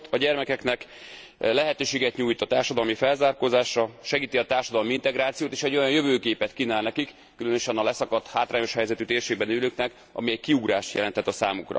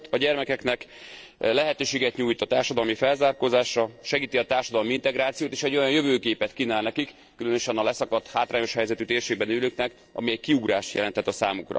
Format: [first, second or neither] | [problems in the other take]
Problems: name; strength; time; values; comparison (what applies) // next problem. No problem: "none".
first | noise reduction (neural separator model SepFormer DNS4)